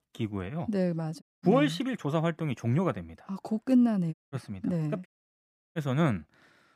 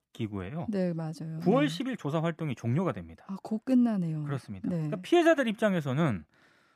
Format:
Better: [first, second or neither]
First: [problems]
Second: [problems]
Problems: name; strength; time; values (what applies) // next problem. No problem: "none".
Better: second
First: audio cutting out; at 1 s, at 4 s and at 5 s for 0.5 s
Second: none